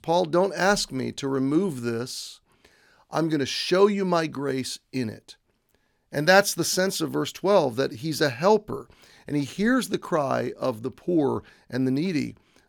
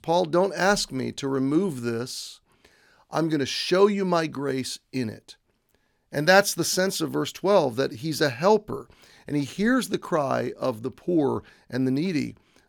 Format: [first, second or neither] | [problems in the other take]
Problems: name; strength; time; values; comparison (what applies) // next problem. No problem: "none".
neither | none